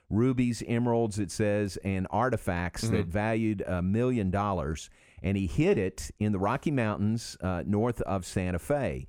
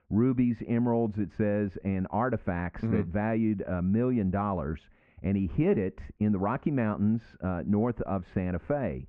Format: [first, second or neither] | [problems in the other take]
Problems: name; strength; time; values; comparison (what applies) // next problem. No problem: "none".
first | muffled; very; fading above 2 kHz